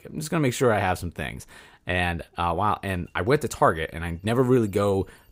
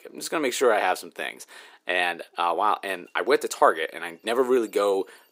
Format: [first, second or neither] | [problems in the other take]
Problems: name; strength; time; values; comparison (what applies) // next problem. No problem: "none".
first | thin; somewhat; fading below 350 Hz